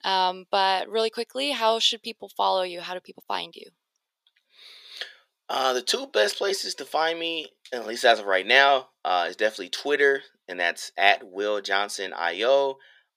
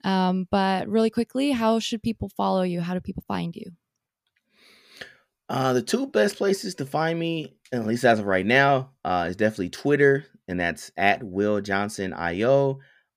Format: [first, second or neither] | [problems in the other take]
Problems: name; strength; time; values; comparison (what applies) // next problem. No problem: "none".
second | thin; very; fading below 450 Hz